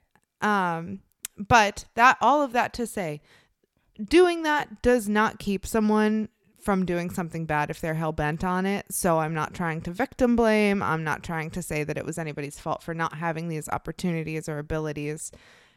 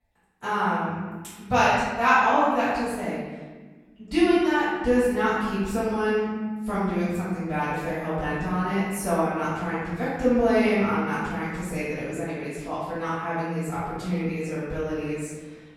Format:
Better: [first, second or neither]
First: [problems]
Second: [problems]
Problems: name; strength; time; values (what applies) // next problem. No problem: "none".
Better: first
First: none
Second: off-mic speech; far // room echo; strong; dies away in 1.3 s